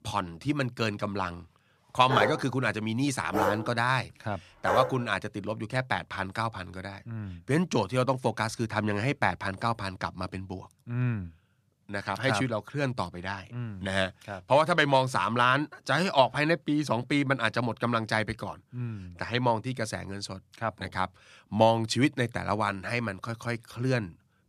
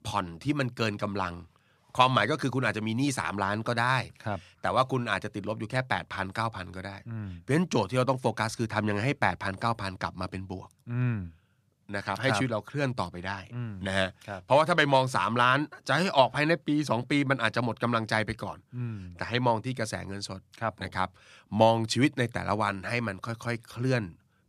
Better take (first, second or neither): second